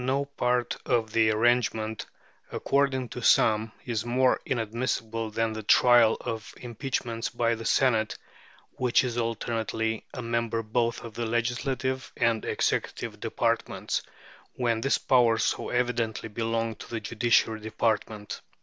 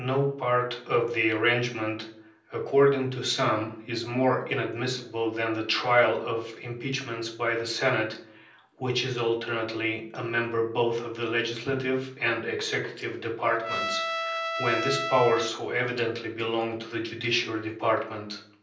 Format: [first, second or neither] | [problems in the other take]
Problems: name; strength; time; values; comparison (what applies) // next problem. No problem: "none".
first | background sound (Trumpet); 5 dB below the speech // room echo; dies away in 0.6 s